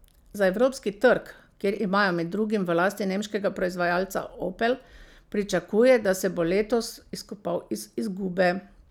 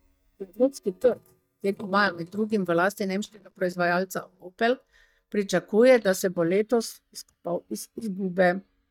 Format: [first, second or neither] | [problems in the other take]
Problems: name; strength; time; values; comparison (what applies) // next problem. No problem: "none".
first | noise reduction (neural mask model DeepFilterNet 3)